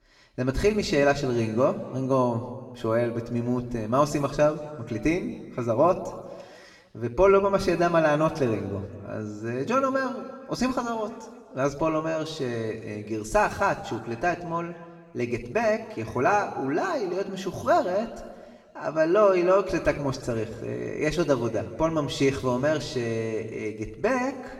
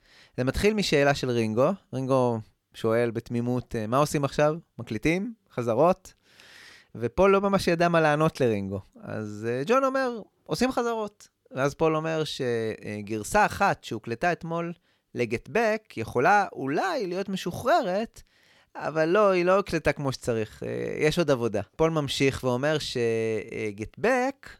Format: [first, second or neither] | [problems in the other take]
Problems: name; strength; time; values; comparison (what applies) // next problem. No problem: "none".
second | room echo; slight; dies away in 1.5 s // off-mic speech; somewhat distant